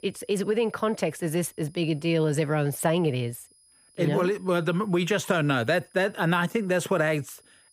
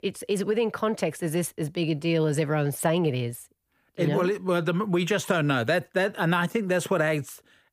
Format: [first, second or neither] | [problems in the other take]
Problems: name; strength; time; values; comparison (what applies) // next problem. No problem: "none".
second | high-pitched whine; faint; throughout; 10.5 kHz, 30 dB below the speech